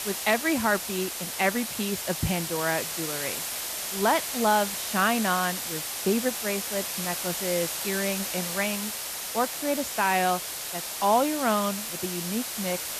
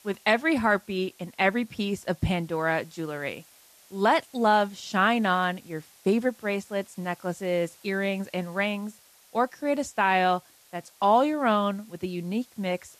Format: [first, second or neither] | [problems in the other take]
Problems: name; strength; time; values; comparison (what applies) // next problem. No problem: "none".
second | hiss; loud; throughout; 3 dB below the speech; faint in the second